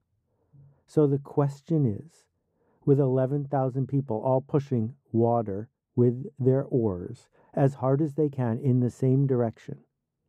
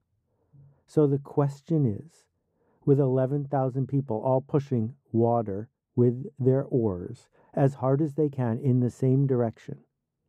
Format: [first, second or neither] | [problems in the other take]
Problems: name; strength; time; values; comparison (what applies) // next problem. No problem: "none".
neither | muffled; very; fading above 1 kHz; the same in both